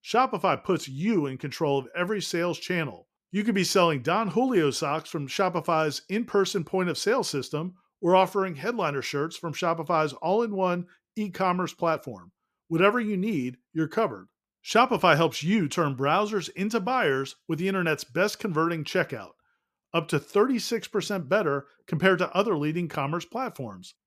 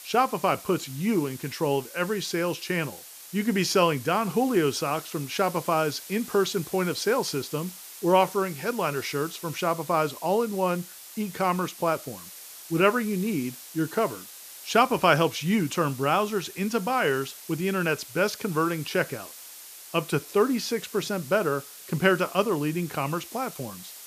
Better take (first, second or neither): first